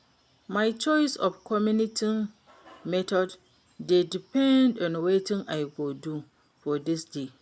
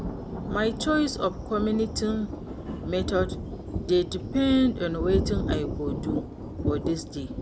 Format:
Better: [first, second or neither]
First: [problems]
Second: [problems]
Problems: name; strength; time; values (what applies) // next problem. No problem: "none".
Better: first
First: none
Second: background sound (Thunder); 4 dB below the speech